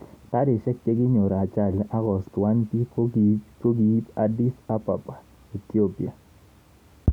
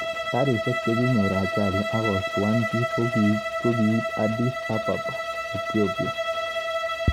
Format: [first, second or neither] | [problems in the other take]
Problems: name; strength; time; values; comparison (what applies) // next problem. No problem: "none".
first | background sound (Bowed string instrument); 3 dB below the speech